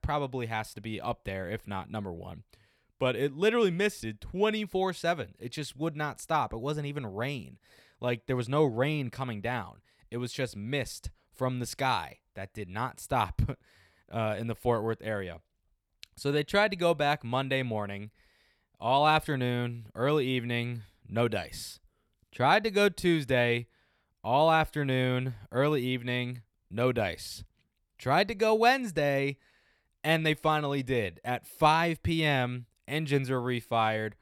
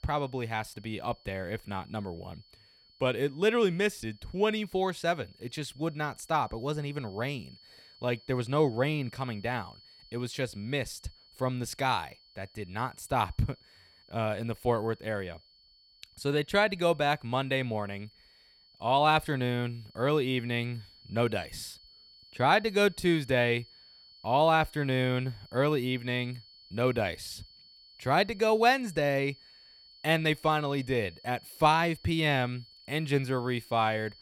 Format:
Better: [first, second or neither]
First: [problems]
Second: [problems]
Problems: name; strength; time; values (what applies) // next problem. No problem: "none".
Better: first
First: none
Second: high-pitched whine; faint; throughout; 4.5 kHz, 25 dB below the speech